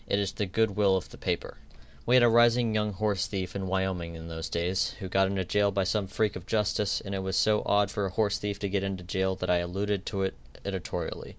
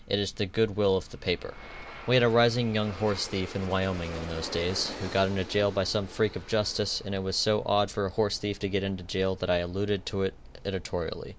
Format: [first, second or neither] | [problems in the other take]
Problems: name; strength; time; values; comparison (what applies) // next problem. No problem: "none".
first | background sound (Aircraft); 17 dB below the speech